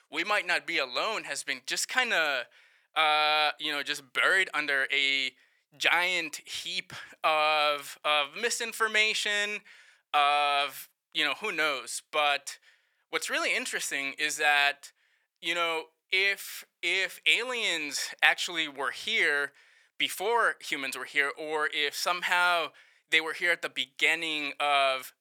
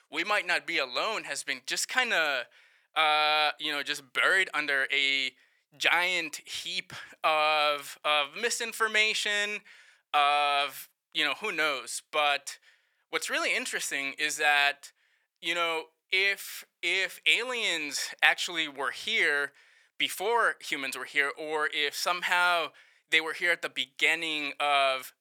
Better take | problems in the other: neither | thin; very; fading below 850 Hz; the same in both

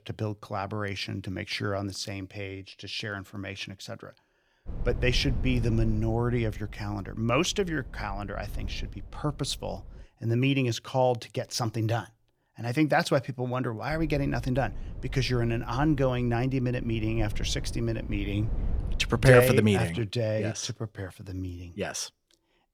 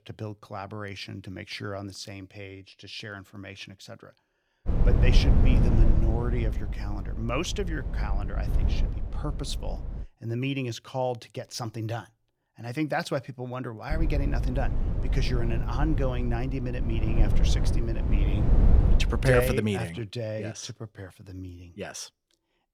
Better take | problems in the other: first | low rumble; loud; from 4.5 to 10 s and from 14 to 20 s; 6 dB below the speech; faint in the first

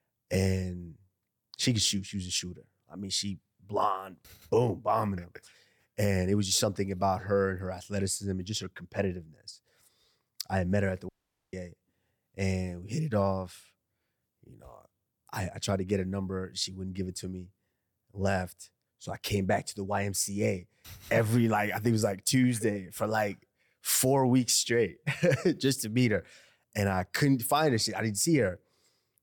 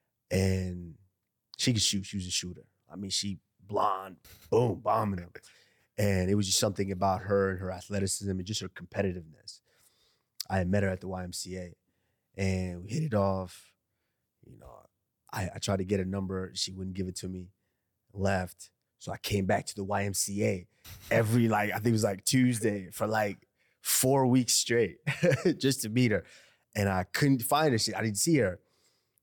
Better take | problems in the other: second | audio cutting out; at 11 s

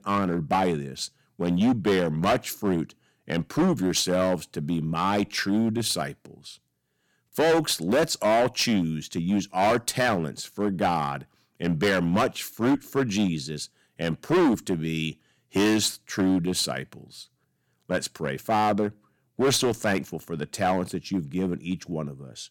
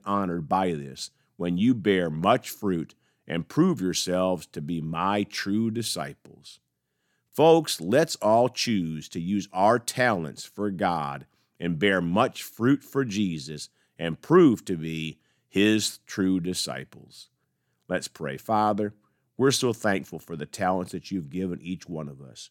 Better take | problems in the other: second | distortion; heavy; 8% of the sound clipped

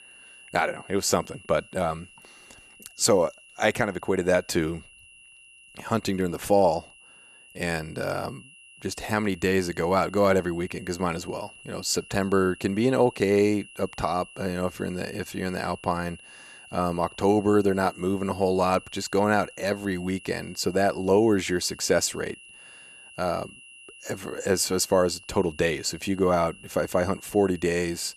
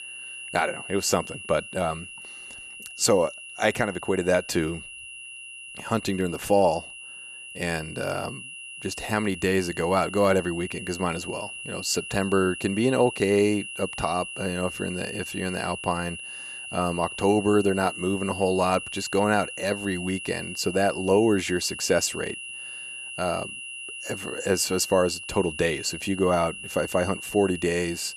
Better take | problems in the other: first | high-pitched whine; loud; throughout; 3 kHz, 10 dB below the speech; faint in the first

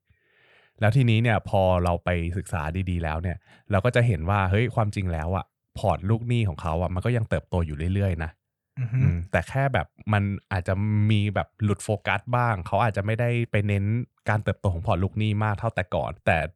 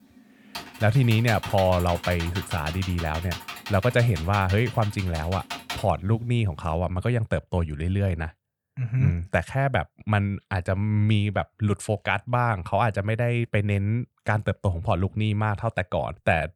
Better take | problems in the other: first | keyboard typing; noticeable; until 6 s; peak 8 dB below the speech

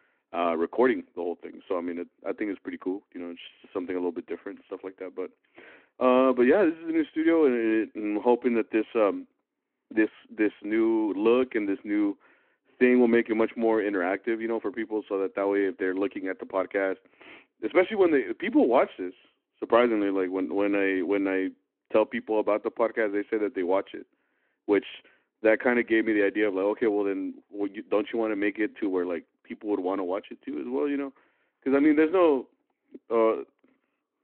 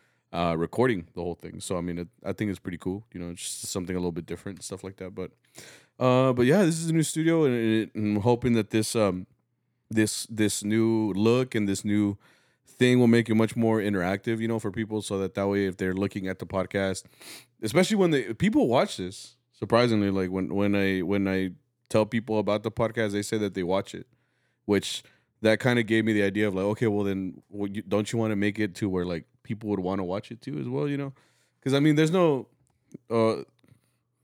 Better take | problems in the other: second | phone-call audio

